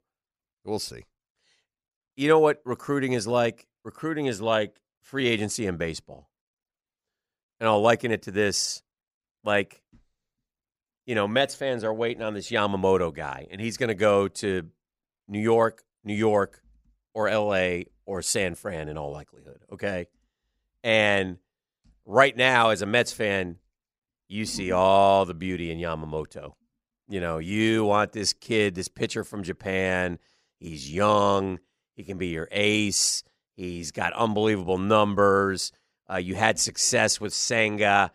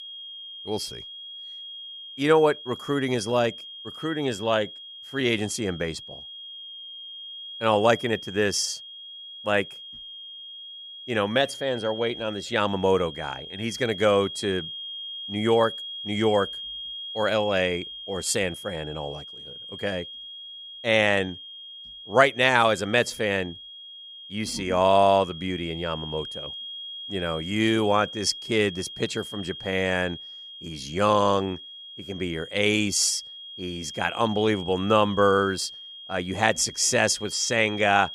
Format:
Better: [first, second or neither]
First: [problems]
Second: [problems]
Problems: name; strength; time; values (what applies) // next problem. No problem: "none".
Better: first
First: none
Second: high-pitched whine; noticeable; throughout; 3 kHz, 10 dB below the speech